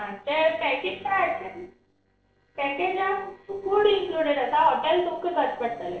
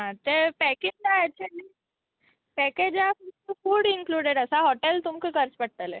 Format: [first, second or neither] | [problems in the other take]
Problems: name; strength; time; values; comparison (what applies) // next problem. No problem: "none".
second | noise reduction (neural separator model SepFormer DNS4)